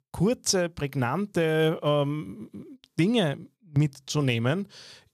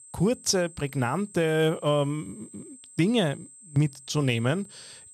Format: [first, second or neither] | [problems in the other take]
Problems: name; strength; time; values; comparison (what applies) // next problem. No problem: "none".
first | high-pitched whine; faint; throughout; 8 kHz, 20 dB below the speech